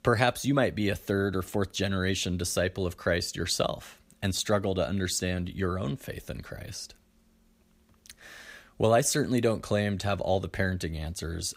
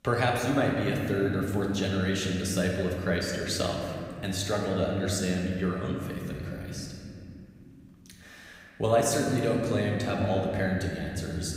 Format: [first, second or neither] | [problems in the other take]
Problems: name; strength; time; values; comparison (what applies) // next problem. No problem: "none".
first | room echo; noticeable; dies away in 2.8 s // off-mic speech; somewhat distant